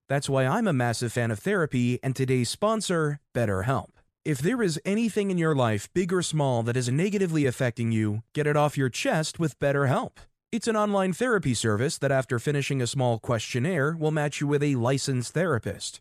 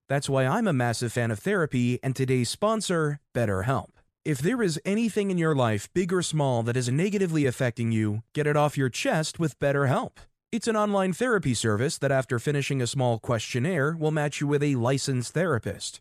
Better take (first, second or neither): neither